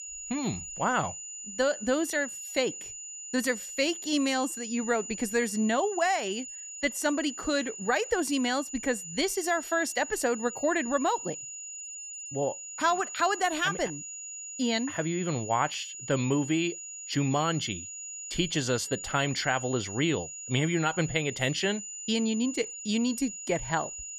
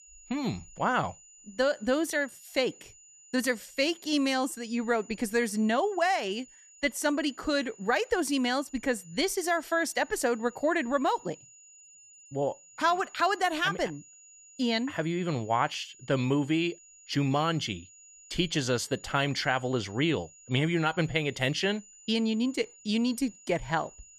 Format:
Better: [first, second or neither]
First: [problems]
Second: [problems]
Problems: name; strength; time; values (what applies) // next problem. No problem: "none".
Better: second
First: high-pitched whine; loud; throughout; 7 kHz, 9 dB below the speech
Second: high-pitched whine; faint; throughout; 7 kHz, 25 dB below the speech